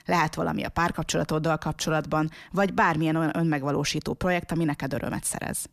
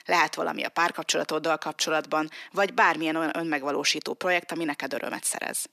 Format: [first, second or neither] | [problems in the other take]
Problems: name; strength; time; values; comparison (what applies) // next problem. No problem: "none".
first | thin; somewhat; fading below 300 Hz